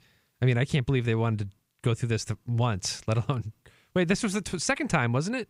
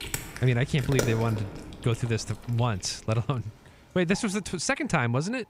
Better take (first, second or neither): first